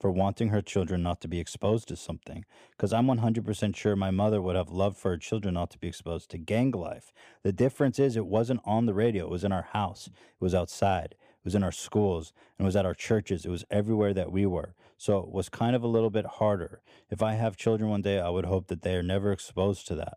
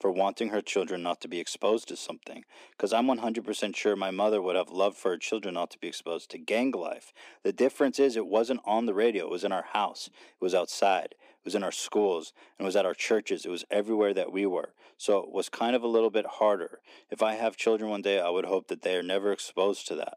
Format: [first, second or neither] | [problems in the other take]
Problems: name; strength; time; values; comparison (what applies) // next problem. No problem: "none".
first | thin; somewhat; fading below 250 Hz